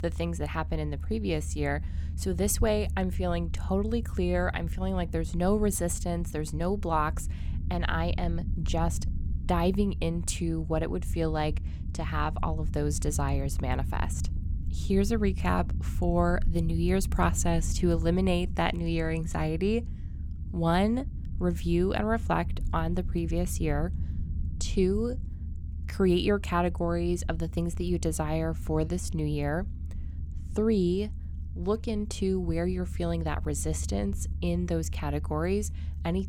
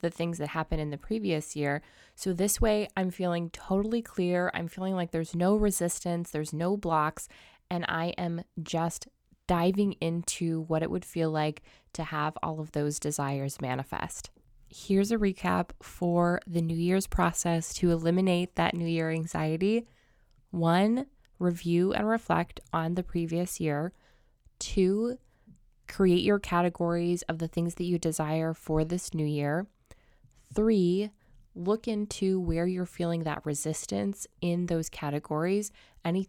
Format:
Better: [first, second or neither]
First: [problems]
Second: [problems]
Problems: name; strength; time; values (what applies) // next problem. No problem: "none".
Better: second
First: low rumble; noticeable; throughout; 20 dB below the speech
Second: none